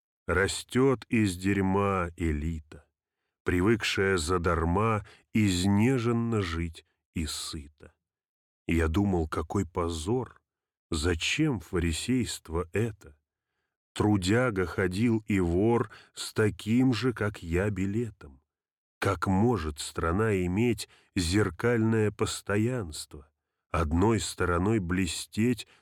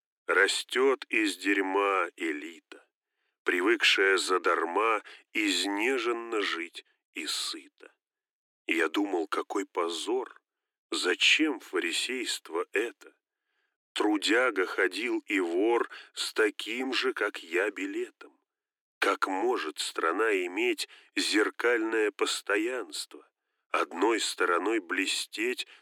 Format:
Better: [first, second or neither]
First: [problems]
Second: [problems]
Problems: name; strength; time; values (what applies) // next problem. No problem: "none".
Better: first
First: none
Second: thin; very; fading below 300 Hz